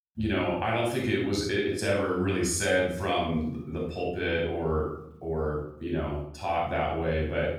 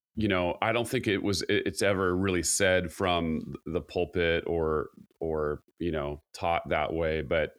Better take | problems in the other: second | off-mic speech; far // room echo; noticeable; dies away in 0.5 s

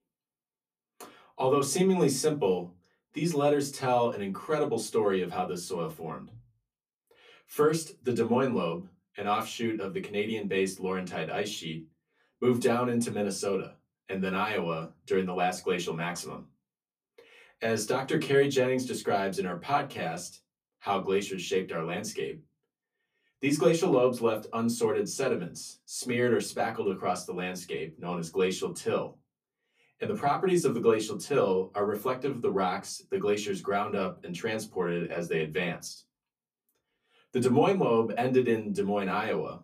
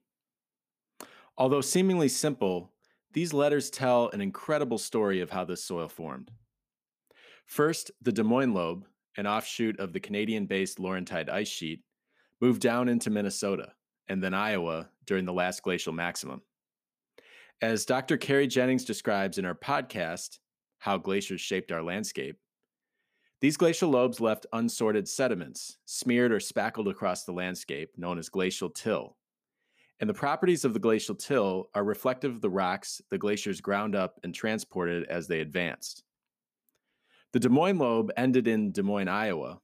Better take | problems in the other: second | off-mic speech; far // room echo; very slight; dies away in 0.2 s

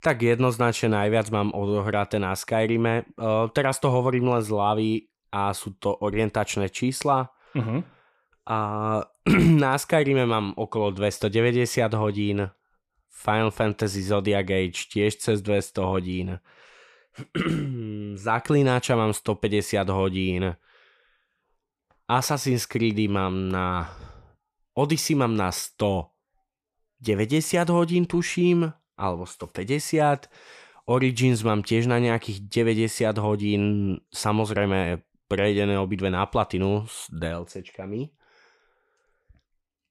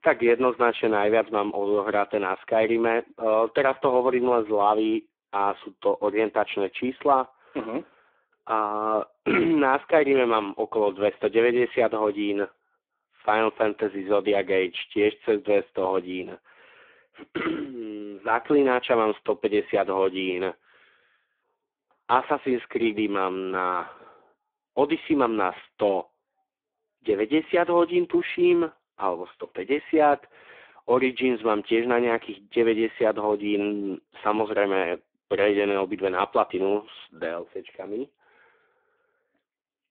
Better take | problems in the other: first | phone-call audio; poor line

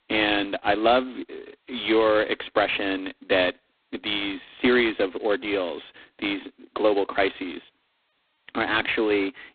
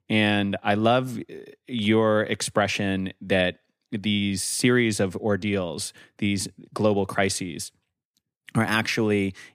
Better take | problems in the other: second | phone-call audio; poor line

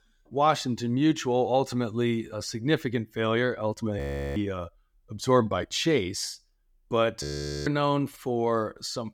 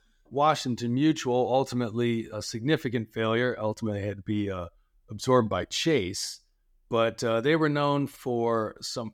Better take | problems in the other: second | audio freezing; at 4 s and at 7 s

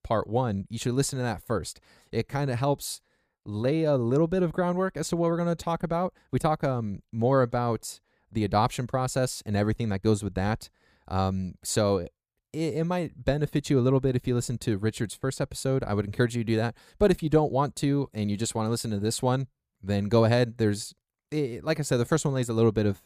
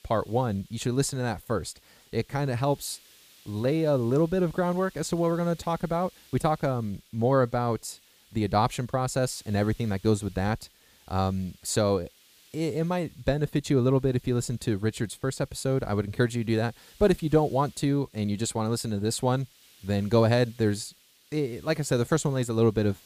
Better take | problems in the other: first | hiss; faint; throughout; 30 dB below the speech

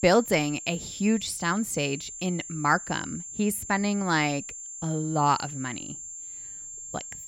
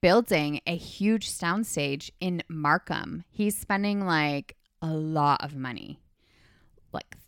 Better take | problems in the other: second | high-pitched whine; loud; throughout; 7.5 kHz, 10 dB below the speech

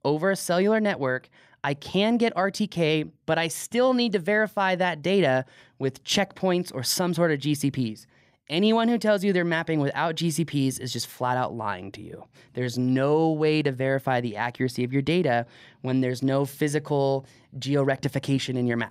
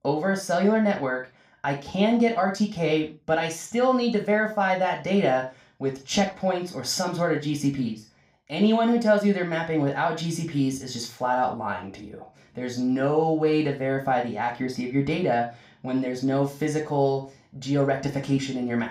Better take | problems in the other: first | room echo; slight; dies away in 0.3 s // off-mic speech; somewhat distant

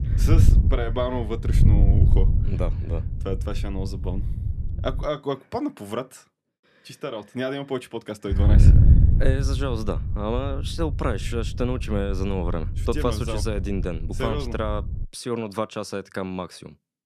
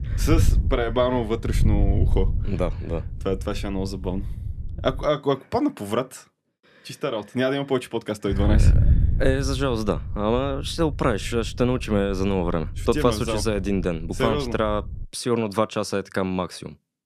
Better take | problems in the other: second | wind noise on the microphone; heavy; until 5 s and from 8.5 to 15 s; 8 dB below the speech; occasional gusts in the second

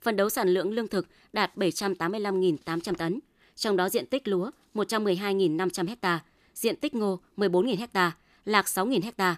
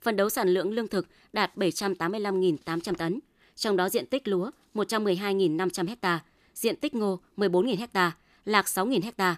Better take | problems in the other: neither | none

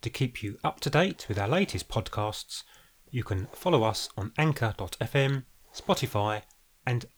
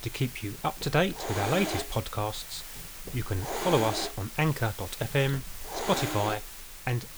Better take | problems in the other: first | hiss; loud; throughout; 6 dB below the speech; faint in the first

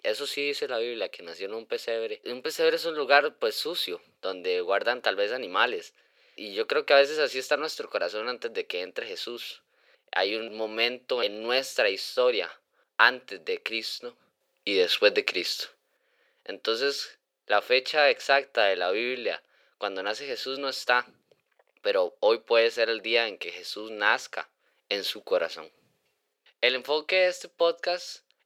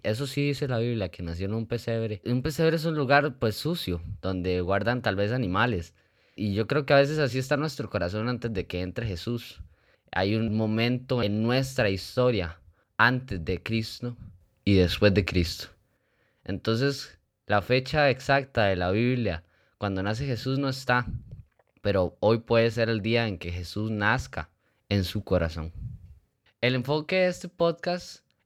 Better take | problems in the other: second | thin; very; fading below 400 Hz

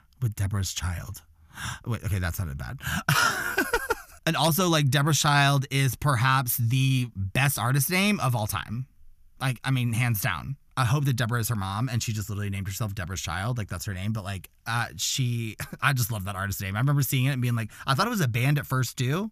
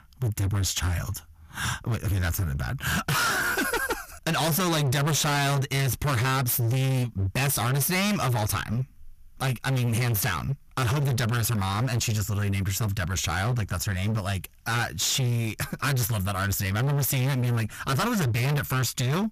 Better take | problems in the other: first | distortion; heavy; 33% of the sound clipped

